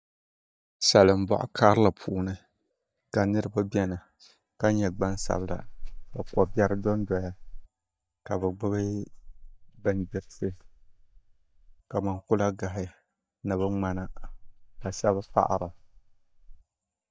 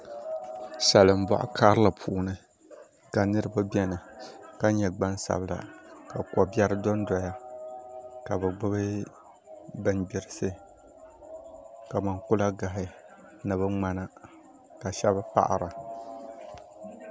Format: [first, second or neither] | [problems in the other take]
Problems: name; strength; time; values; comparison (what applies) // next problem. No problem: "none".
second | noise reduction (neural mask model DeepFilterNet 3)